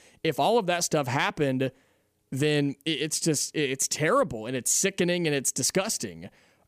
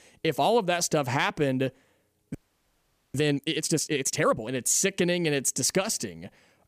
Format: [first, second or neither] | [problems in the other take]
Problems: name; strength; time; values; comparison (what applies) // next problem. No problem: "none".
first | audio freezing; at 2.5 s for 1 s